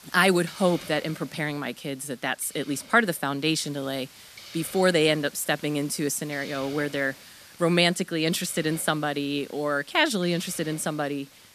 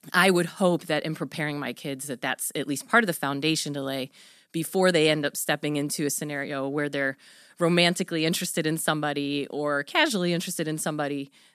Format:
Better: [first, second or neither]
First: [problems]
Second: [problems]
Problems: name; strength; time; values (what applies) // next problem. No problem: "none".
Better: second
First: hiss; noticeable; throughout; 20 dB below the speech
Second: none